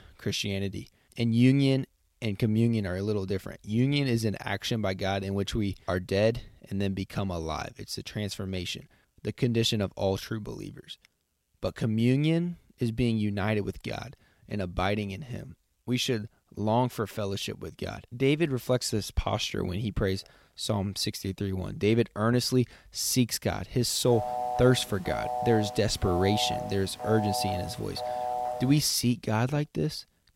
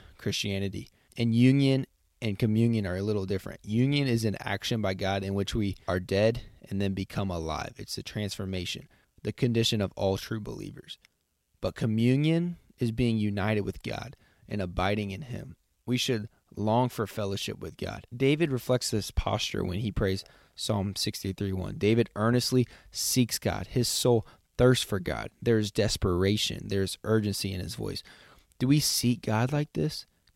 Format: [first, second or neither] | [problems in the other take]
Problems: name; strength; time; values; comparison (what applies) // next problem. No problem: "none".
second | phone ringing; noticeable; from 24 to 29 s; peak 3 dB below the speech